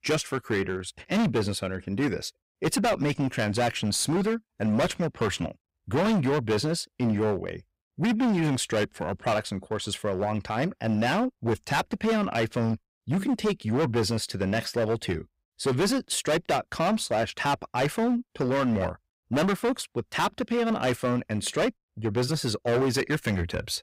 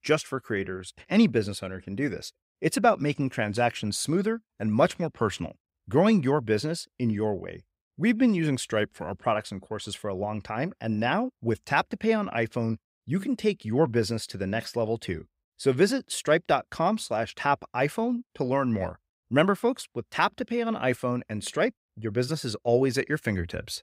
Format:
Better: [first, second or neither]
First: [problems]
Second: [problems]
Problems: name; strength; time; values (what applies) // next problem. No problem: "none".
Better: second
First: distortion; heavy; 15% of the sound clipped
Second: none